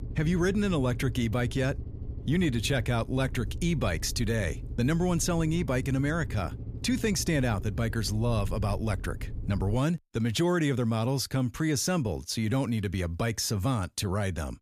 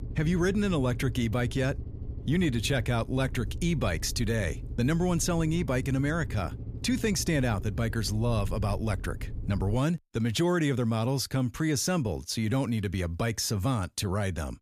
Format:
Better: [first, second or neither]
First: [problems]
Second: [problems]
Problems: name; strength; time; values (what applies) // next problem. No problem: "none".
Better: neither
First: low rumble; noticeable; until 10 s; 20 dB below the speech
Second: low rumble; noticeable; until 10 s; 20 dB below the speech